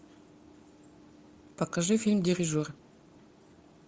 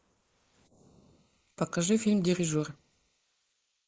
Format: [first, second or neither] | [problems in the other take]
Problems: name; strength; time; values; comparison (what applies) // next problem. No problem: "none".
first | noise reduction (neural mask model Resemble Enhance denoiser)